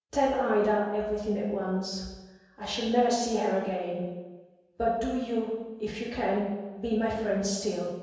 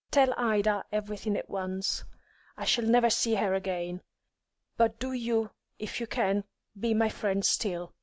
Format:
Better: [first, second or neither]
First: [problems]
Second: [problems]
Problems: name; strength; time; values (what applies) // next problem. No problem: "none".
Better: second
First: room echo; dies away in 1.2 s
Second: none